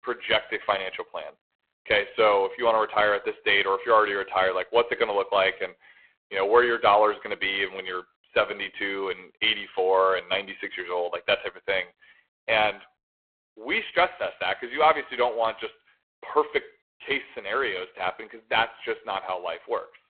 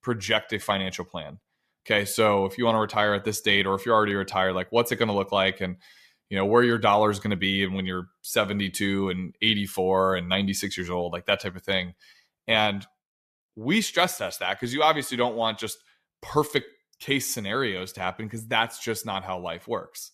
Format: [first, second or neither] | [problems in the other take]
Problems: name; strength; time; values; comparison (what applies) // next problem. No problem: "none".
second | phone-call audio; poor line